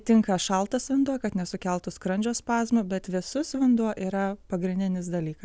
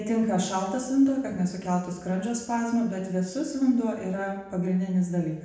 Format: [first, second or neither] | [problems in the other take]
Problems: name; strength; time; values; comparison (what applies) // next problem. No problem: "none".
first | room echo; dies away in 0.8 s